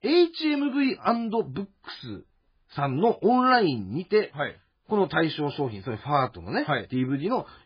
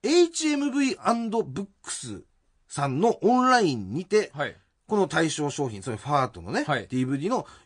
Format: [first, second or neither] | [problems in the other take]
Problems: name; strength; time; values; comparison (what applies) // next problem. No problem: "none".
second | garbled, watery; badly; nothing above 4.5 kHz; slightly in the second